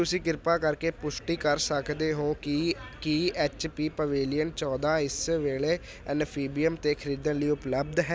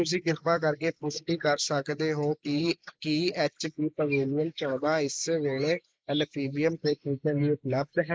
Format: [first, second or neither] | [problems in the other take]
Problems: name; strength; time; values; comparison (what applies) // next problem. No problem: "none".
first | noise reduction (neural mask model Resemble Enhance denoiser)